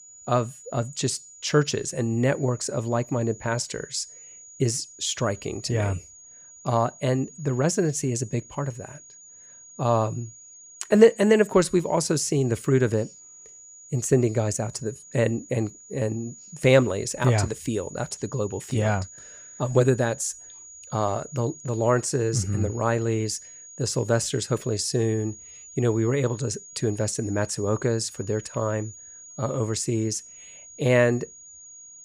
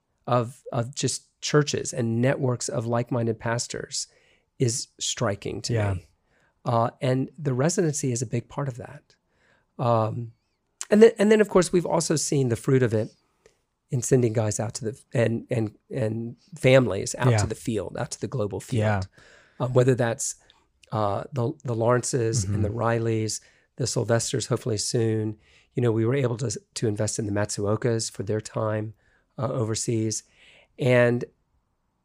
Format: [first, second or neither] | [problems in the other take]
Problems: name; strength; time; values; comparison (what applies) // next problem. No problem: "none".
second | high-pitched whine; noticeable; throughout; 7 kHz, 20 dB below the speech